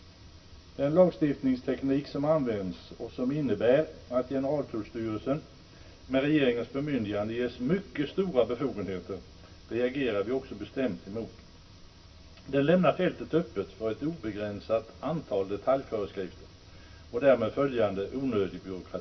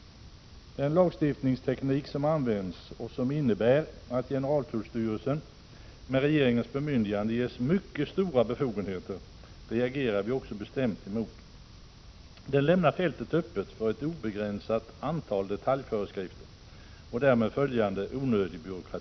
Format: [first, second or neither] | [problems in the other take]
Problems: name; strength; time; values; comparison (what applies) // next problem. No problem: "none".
second | room echo; dies away in 0.2 s